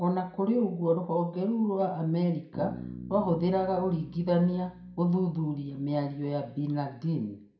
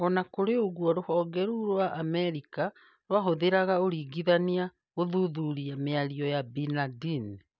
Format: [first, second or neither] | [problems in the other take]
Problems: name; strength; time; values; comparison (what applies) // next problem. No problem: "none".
second | background sound (Bass guitar); 18 dB below the speech // room echo; dies away in 0.4 s